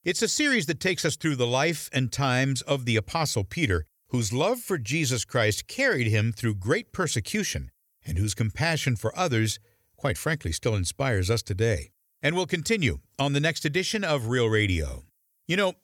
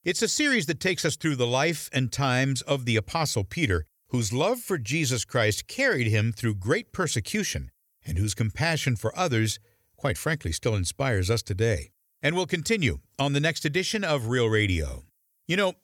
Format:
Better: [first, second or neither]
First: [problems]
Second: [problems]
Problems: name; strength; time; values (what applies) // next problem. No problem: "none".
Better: neither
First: none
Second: none